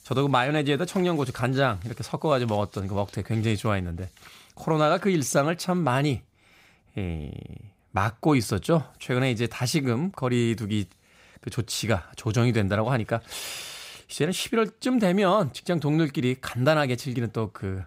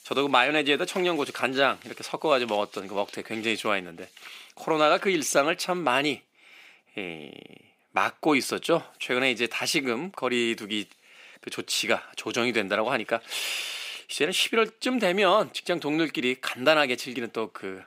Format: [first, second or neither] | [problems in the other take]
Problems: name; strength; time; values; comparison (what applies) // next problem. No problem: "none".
first | thin; somewhat; fading below 300 Hz